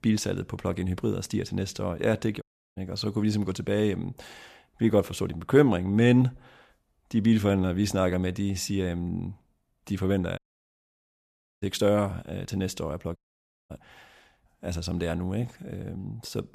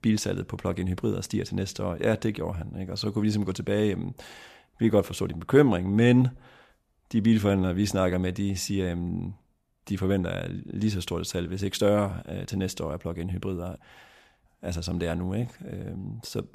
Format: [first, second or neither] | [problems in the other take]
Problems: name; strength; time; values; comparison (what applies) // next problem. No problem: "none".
second | audio cutting out; at 2.5 s, at 10 s for 1 s and at 13 s for 0.5 s